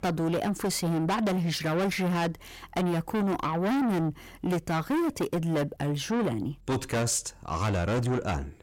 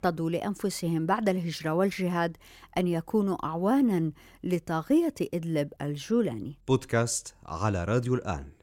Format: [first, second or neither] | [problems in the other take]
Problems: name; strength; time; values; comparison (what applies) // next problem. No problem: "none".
second | distortion; heavy; 6 dB below the speech